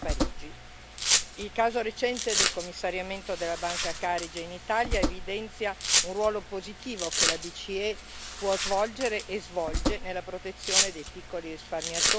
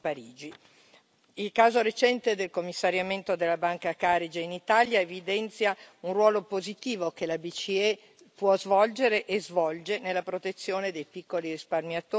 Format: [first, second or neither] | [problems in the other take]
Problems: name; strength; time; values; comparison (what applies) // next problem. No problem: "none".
second | background sound (Domestic sounds, home sounds); 1 dB above the speech